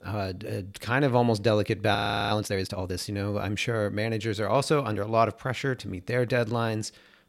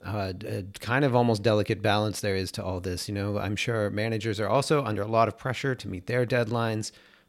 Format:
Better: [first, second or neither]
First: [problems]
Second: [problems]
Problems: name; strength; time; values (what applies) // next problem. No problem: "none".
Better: second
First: audio freezing; at 2 s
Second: none